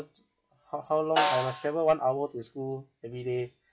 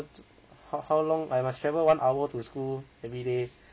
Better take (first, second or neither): second